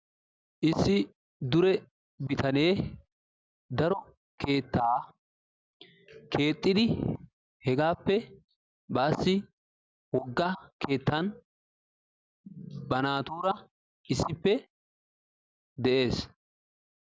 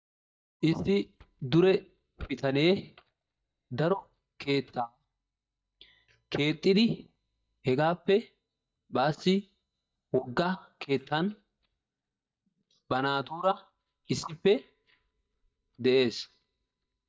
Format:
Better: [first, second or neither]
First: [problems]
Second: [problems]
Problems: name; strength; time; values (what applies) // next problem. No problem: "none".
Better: first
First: none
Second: noise reduction (neural mask model DeepFilterNet 3)